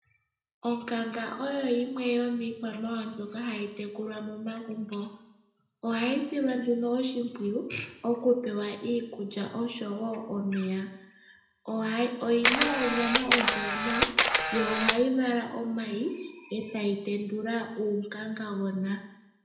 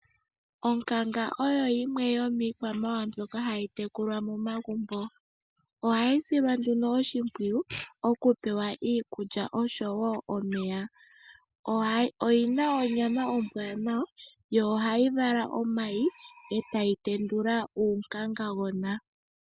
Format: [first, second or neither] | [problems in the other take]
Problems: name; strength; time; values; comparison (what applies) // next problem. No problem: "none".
second | background sound (Camera); 4 dB above the speech // room echo; dies away in 0.8 s